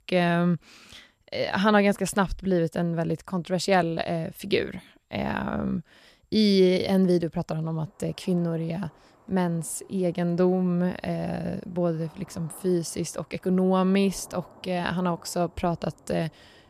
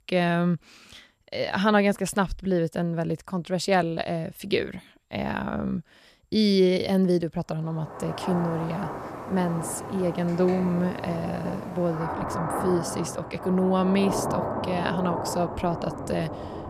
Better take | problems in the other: first | rain or running water; loud; from 8 s on; 6 dB below the speech; faint in the first

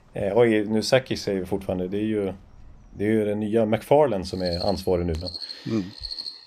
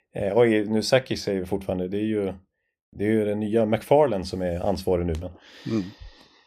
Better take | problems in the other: second | animal sounds; noticeable; throughout; 10 dB below the speech

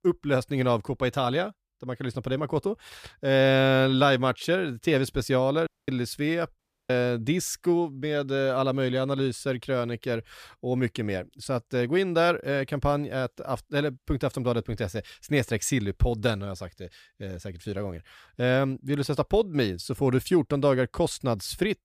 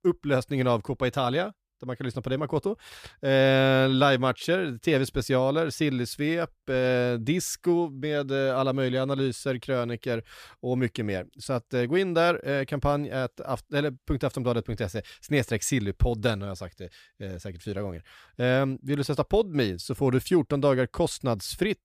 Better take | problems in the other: second | audio cutting out; at 5.5 s and at 6.5 s

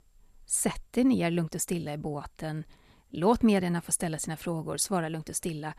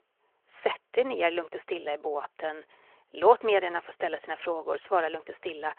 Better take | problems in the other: first | phone-call audio

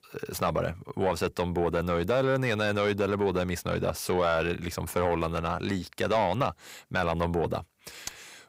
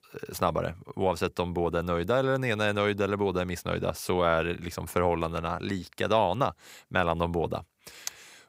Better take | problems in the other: second | distortion; slight; 10 dB below the speech

